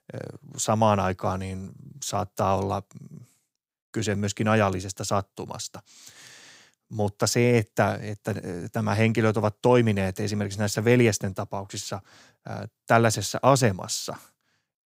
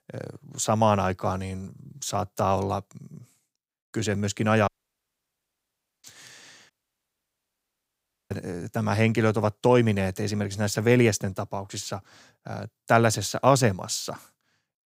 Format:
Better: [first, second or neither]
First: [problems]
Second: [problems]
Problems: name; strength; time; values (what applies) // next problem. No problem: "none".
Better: first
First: none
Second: audio cutting out; at 4.5 s for 1.5 s and at 6.5 s for 1.5 s